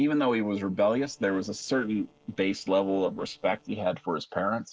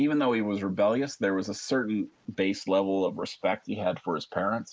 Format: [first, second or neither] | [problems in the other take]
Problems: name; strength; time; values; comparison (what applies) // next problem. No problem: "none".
second | noise reduction (neural separator model SepFormer DNS4)